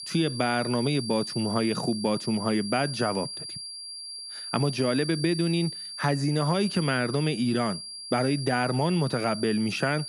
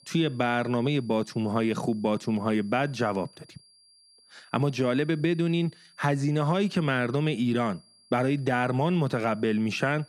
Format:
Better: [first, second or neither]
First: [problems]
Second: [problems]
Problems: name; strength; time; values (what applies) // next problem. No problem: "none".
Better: second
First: high-pitched whine; loud; throughout; 4.5 kHz, 8 dB below the speech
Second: high-pitched whine; faint; throughout; 4.5 kHz, 30 dB below the speech